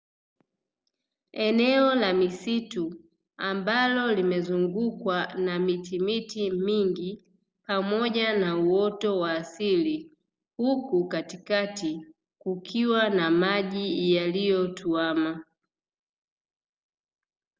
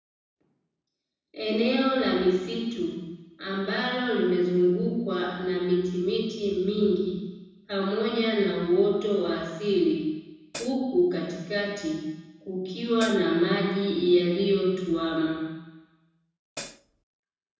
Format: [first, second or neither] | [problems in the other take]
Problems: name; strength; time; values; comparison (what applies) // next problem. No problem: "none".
first | background sound (Hi-hat); 14 dB below the speech // room echo; dies away in 1.1 s